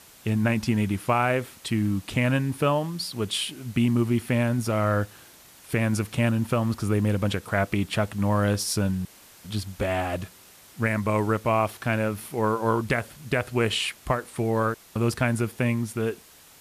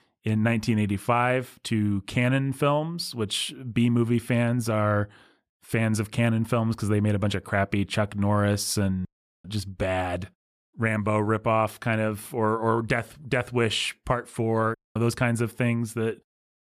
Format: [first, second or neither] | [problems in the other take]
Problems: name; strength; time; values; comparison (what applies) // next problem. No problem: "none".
second | hiss; faint; throughout; 25 dB below the speech